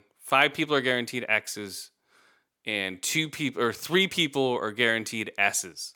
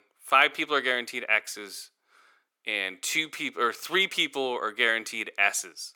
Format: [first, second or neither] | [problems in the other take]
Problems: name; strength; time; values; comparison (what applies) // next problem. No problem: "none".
first | thin; somewhat; fading below 350 Hz